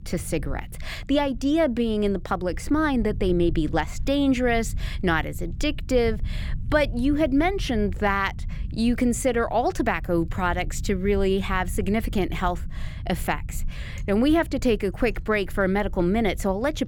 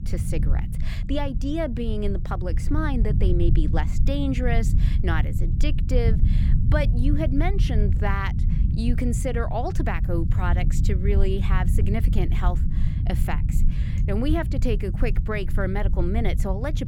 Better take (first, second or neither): first